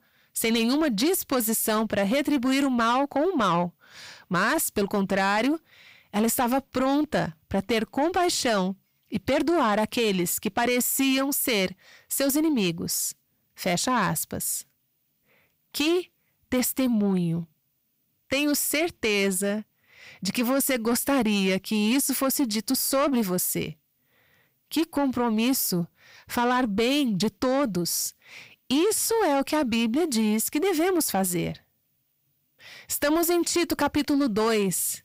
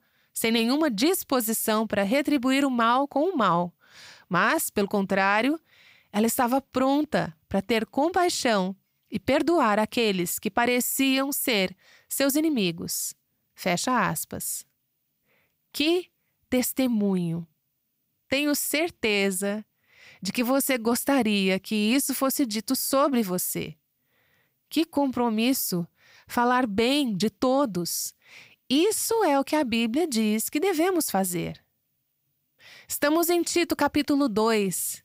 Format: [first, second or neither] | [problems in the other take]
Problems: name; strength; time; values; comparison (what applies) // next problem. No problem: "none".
second | distortion; slight; 10 dB below the speech